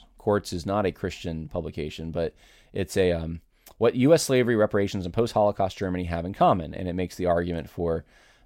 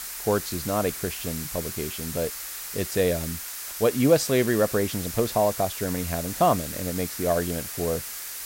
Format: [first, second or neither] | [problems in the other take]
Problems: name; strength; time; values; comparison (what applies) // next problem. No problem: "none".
first | hiss; loud; throughout; 6 dB below the speech